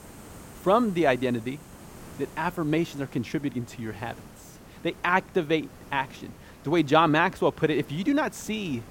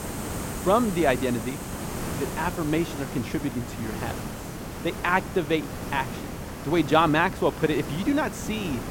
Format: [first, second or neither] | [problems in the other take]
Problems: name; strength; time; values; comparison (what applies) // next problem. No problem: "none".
first | hiss; loud; throughout; 8 dB below the speech; faint in the first